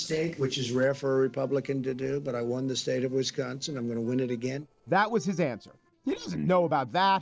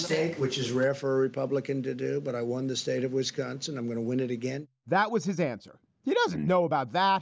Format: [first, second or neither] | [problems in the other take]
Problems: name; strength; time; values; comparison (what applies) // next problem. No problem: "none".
second | noise reduction (neural separator model SepFormer DNS4)